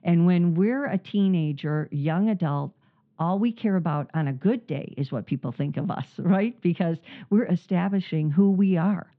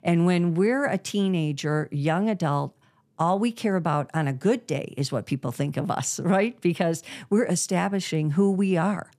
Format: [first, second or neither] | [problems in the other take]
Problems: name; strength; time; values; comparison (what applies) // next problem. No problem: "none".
second | muffled; very; fading above 3.5 kHz